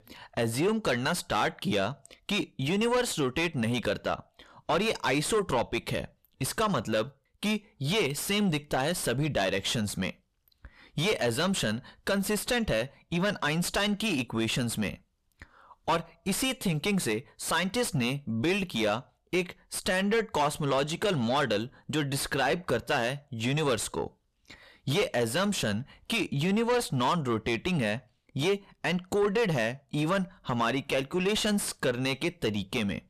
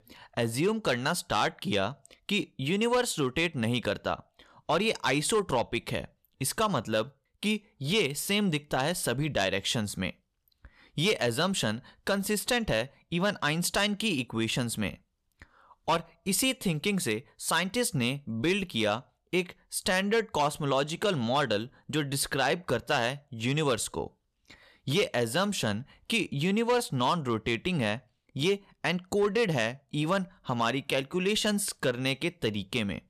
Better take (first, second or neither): second